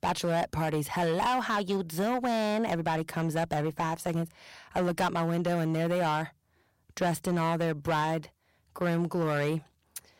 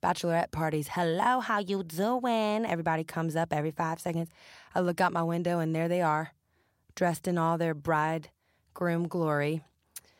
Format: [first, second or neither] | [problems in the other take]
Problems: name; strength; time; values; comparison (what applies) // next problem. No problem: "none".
second | distortion; slight; 11% of the sound clipped